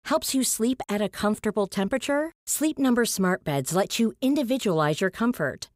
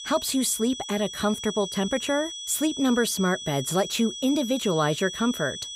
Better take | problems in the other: first | high-pitched whine; loud; throughout; 3.5 kHz, 8 dB below the speech

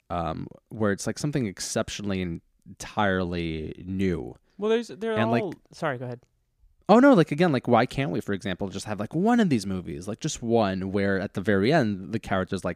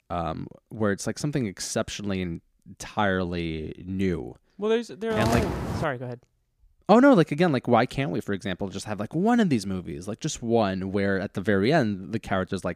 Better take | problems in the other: first | footsteps; noticeable; at 5 s; peak 2 dB below the speech

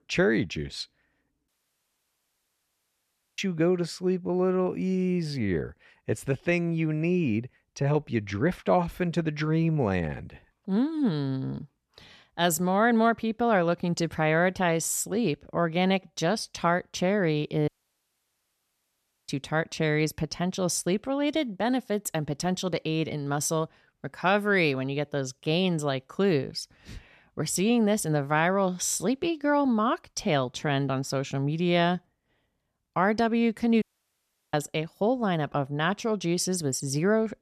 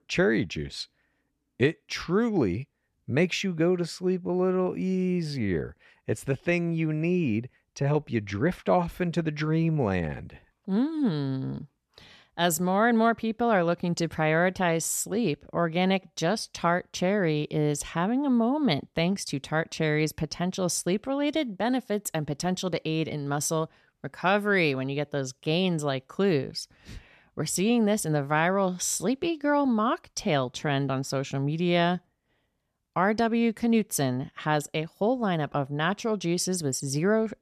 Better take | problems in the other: second | audio cutting out; at 1.5 s for 2 s, at 18 s for 1.5 s and at 34 s for 0.5 s

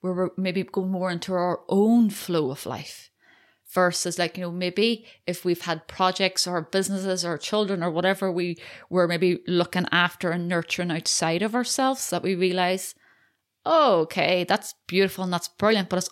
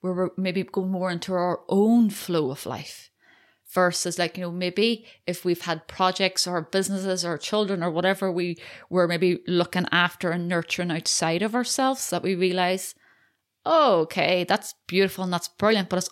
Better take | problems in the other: neither | none

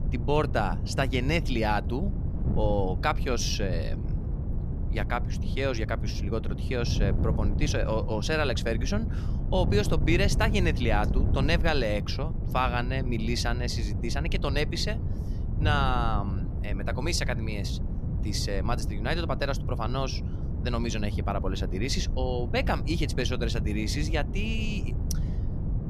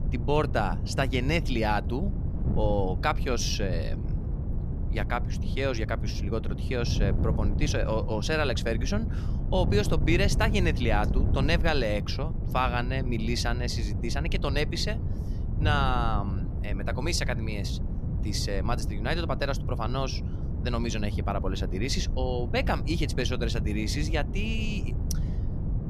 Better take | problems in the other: neither | wind noise on the microphone; occasional gusts; 10 dB below the speech; the same in both

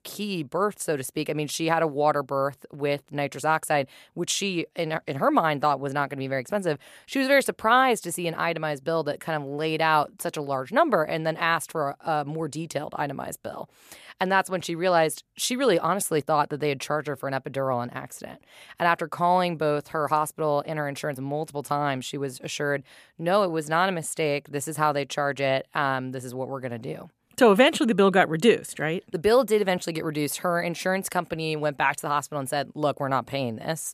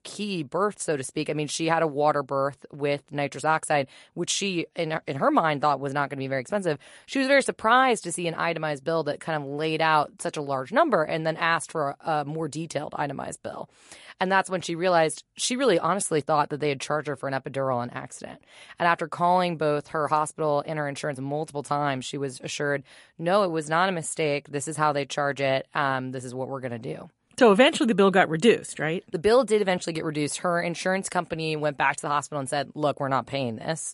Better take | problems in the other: first | garbled, watery; slightly; nothing above 11 kHz

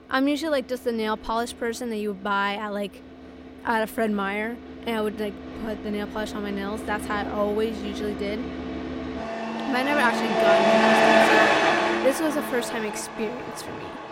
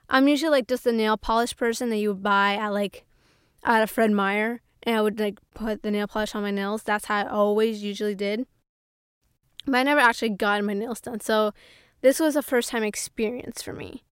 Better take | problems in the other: second | traffic noise; very loud; throughout; 4 dB above the speech

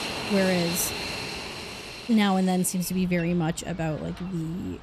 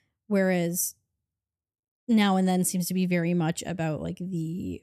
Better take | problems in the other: second | train or aircraft noise; loud; throughout; 8 dB below the speech

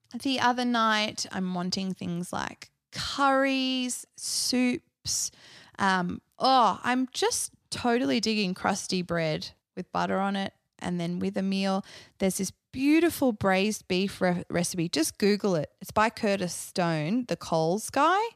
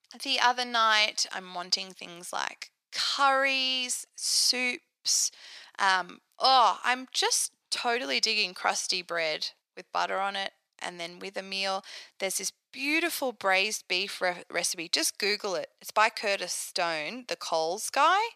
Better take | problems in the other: first | thin; very; fading below 600 Hz

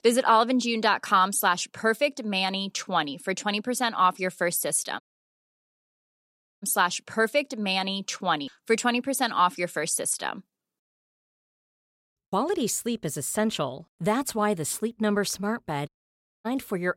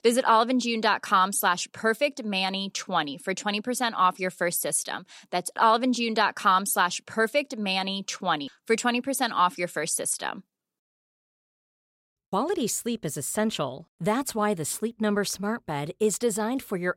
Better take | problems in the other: second | audio cutting out; at 5 s for 1.5 s and at 16 s for 0.5 s

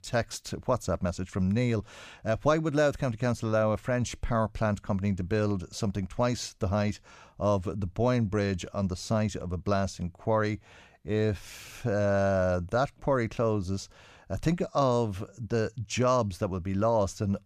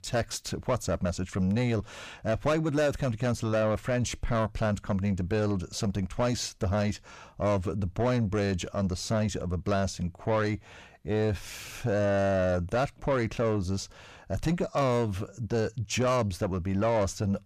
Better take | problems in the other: first | distortion; slight; 10 dB below the speech

